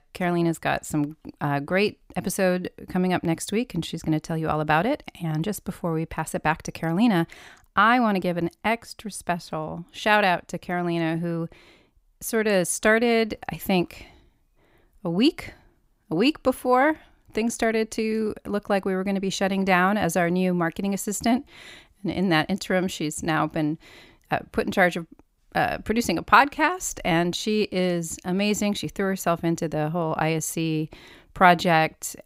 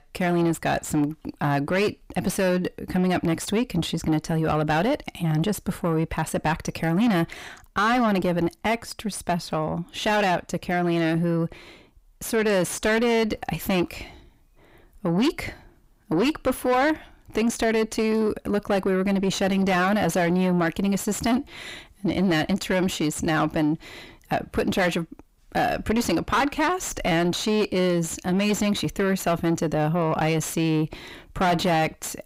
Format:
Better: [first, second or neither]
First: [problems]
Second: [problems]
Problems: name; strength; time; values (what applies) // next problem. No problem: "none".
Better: first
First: none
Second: distortion; heavy; 6 dB below the speech